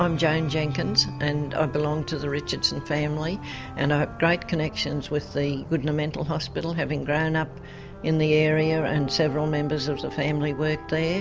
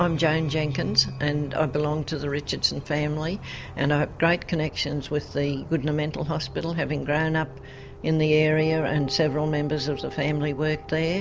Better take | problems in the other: second | background sound (Wind instrument, woodwind instrument); 18 dB below the speech

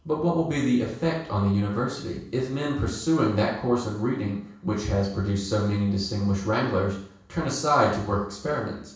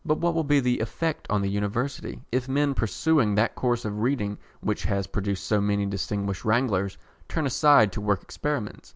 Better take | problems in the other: second | room echo; dies away in 0.7 s

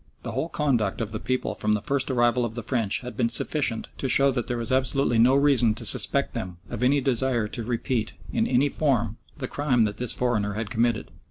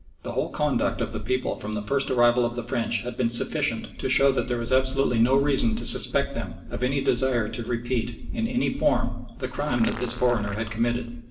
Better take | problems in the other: first | background sound (Fart); 14 dB below the speech // room echo; dies away in 0.6 s

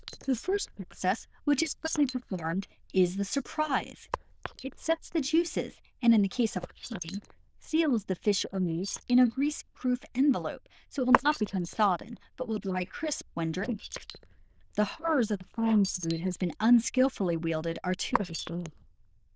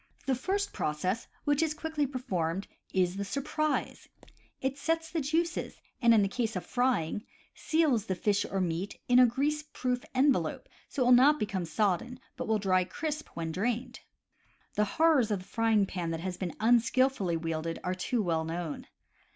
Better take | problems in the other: second | noise reduction (neural diffusion model UNIVERSE++)

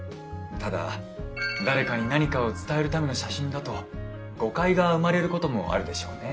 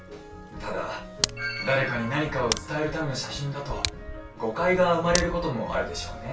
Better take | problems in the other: first | background sound (Tick); 8 dB below the speech // room echo; dies away in 0.2 s

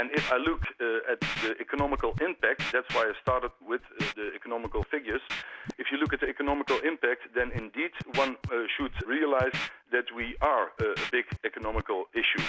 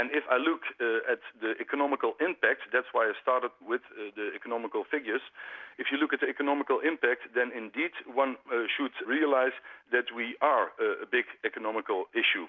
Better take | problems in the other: second | background sound (Scratching (performance technique)); 8 dB below the speech

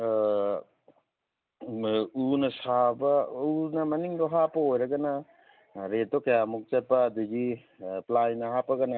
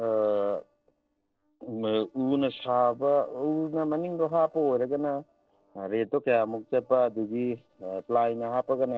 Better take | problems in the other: first | noise reduction (neural separator model SepFormer DNS4)

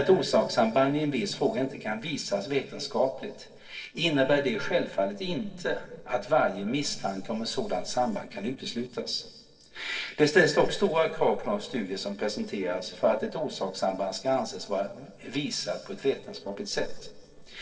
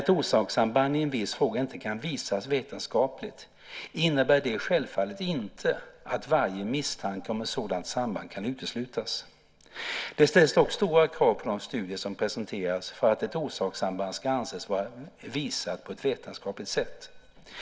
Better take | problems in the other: second | noise reduction (neural separator model SepFormer DNS4)

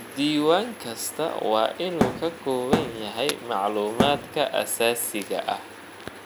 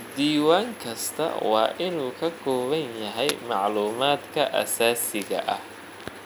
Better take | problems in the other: second | background sound (Thump, thud); 1 dB below the speech

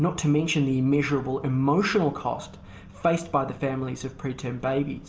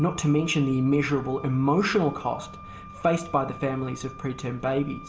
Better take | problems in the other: first | background sound (Wind instrument, woodwind instrument); 19 dB below the speech

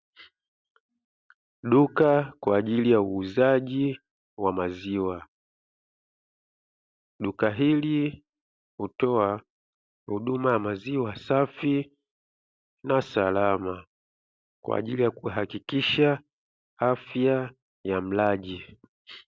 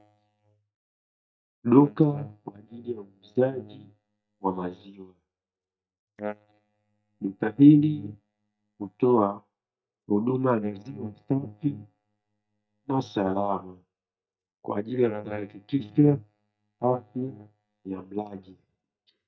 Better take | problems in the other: first | noise reduction (neural mask model DeepFilterNet 3)

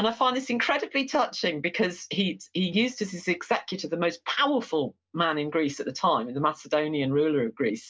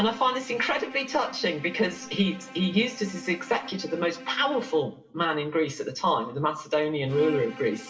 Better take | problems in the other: first | background sound (Bowed string instrument); 16 dB below the speech // room echo; dies away in 0.7 s

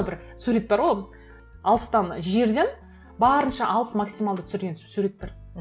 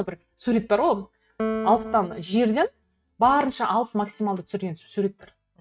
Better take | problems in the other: first | noise reduction (neural mask model RNNoise)

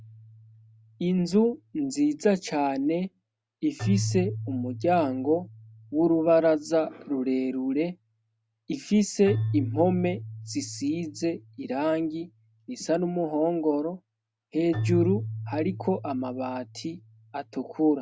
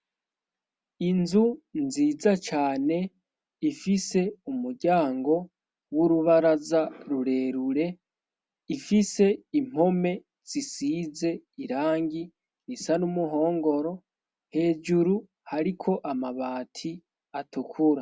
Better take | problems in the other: second | background sound (Keyboard (musical)); 10 dB below the speech

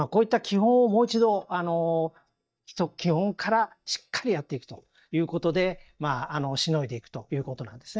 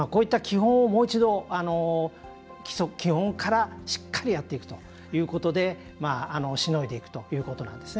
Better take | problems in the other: second | noise reduction (neural mask model DeepFilterNet 3)

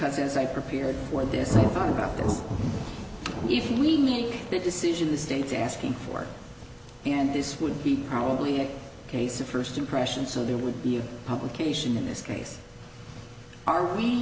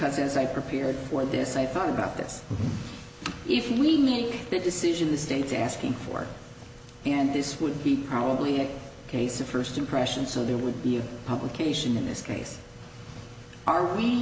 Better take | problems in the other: second | background sound (Thunder); 7 dB below the speech

